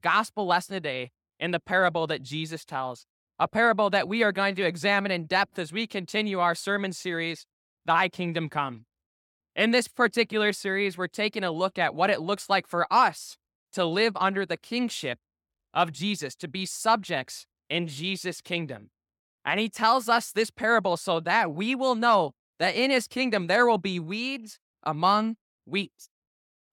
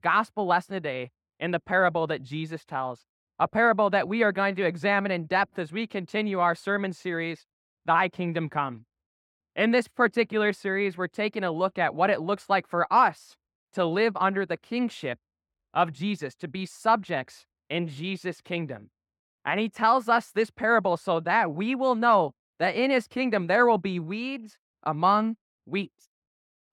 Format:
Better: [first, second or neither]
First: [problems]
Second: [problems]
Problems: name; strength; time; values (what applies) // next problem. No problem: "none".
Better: first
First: none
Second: muffled; slightly; fading above 3 kHz